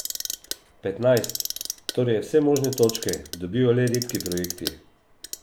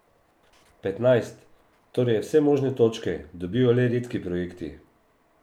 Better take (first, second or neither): second